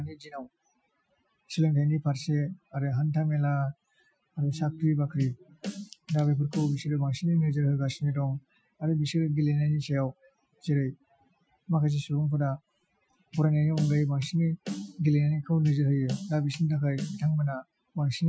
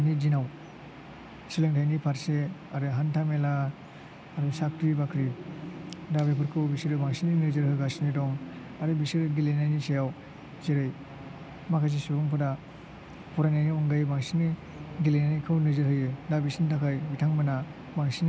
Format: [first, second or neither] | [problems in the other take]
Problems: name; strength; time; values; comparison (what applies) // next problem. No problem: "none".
second | noise reduction (classical method Wiener filter)